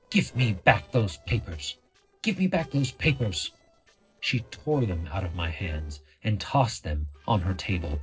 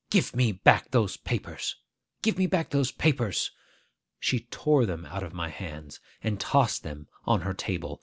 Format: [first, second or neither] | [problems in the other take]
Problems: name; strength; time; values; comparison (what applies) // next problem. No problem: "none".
second | noise reduction (neural separator model SepFormer DNS4)